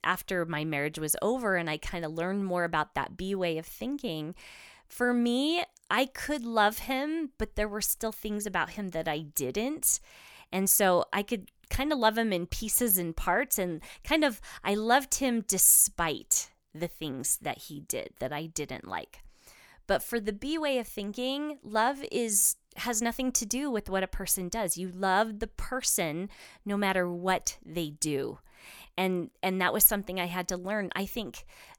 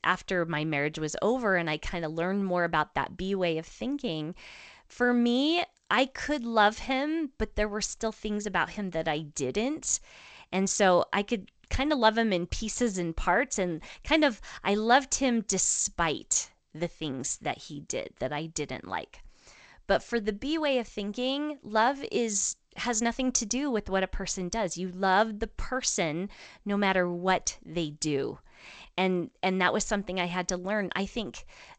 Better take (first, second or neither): first